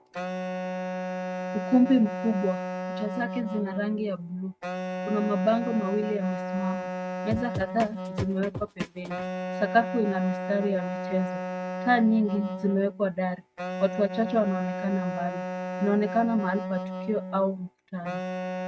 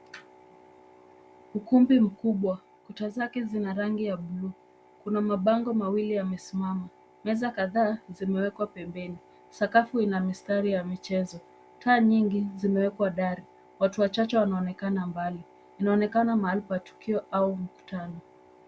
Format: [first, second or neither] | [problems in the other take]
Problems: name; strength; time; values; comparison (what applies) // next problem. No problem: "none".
second | noise reduction (neural mask model RNNoise)